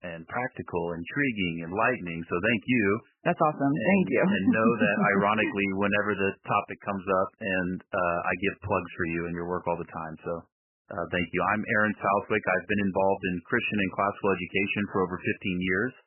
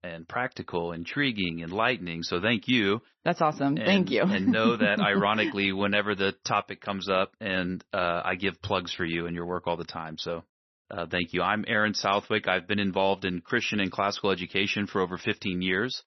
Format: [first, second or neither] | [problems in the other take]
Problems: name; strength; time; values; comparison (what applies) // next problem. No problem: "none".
second | garbled, watery; badly; nothing above 3 kHz; slightly in the second